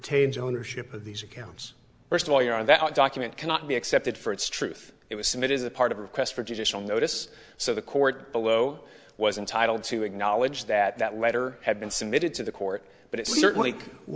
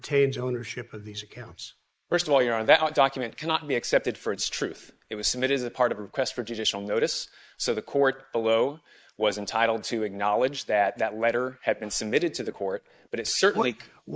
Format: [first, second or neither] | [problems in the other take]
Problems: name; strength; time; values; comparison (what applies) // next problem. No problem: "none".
first | noise reduction (neural mask model Resemble Enhance denoiser)